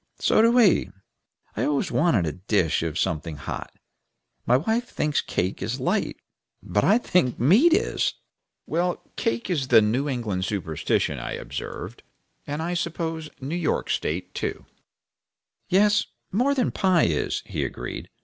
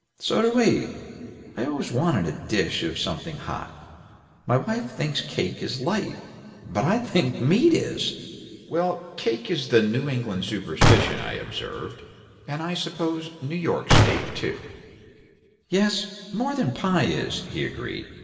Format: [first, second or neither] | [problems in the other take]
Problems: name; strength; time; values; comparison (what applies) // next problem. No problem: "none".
first | background sound (Gunshot, gunfire); 3 dB above the speech // room echo; dies away in 2.3 s